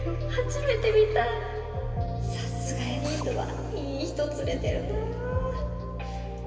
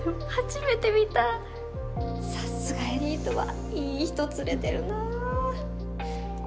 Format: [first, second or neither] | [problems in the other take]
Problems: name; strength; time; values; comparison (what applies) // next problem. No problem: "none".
second | background sound (Drill); 15 dB below the speech // room echo; dies away in 2.5 s